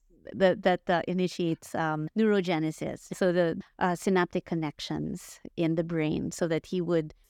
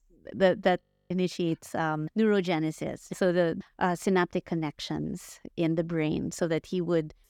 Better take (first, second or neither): first